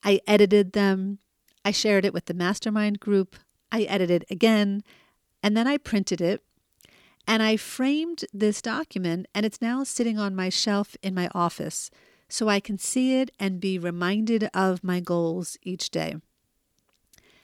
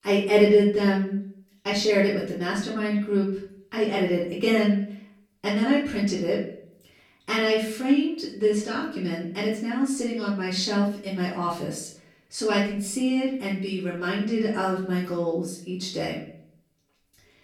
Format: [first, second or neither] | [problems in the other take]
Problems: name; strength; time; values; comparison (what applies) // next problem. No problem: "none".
first | off-mic speech; far // room echo; noticeable; dies away in 0.5 s